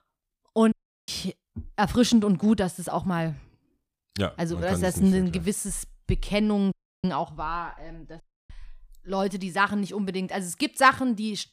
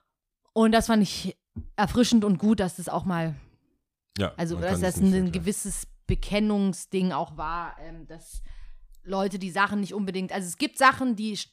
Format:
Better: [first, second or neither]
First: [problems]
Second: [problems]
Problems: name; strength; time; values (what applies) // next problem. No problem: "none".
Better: second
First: audio cutting out; at 0.5 s, at 6.5 s and at 8 s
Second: none